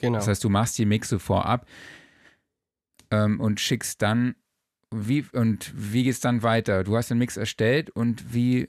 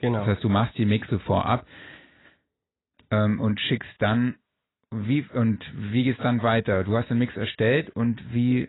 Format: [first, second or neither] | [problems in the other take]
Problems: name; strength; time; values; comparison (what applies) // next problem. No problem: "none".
first | garbled, watery; badly; nothing above 4 kHz